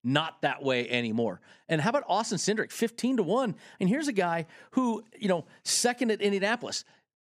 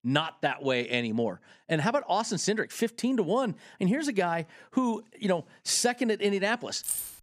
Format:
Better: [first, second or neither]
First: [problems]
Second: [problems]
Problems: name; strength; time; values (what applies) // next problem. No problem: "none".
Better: first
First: none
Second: jangling keys; noticeable; at 7 s; peak 3 dB below the speech